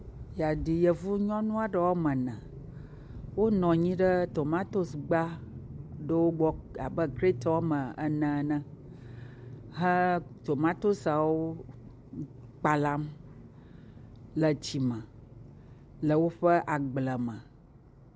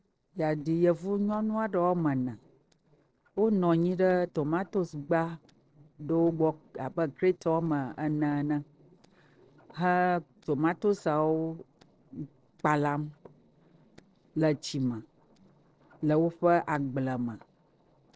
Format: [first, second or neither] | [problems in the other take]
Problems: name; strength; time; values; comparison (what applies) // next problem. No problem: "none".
first | noise reduction (neural separator model SepFormer DNS4)